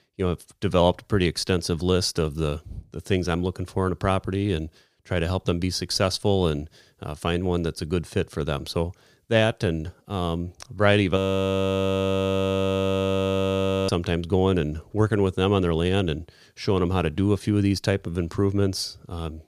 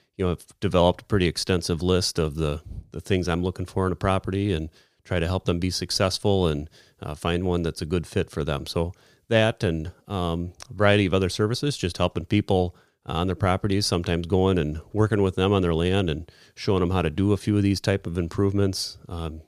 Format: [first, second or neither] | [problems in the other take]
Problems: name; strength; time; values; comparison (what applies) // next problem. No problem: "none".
second | audio freezing; at 11 s for 2.5 s